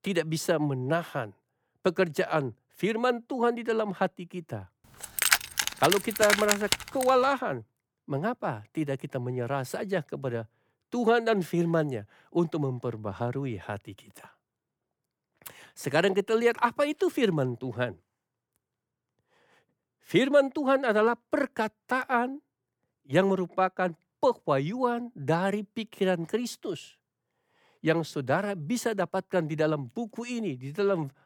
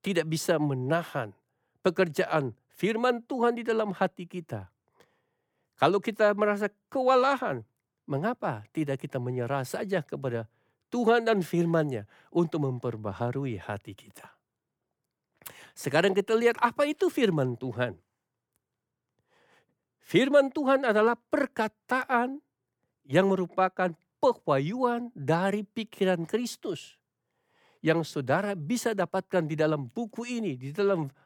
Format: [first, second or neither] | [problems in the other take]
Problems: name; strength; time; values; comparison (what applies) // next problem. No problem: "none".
second | jangling keys; loud; from 5 to 7 s; peak 5 dB above the speech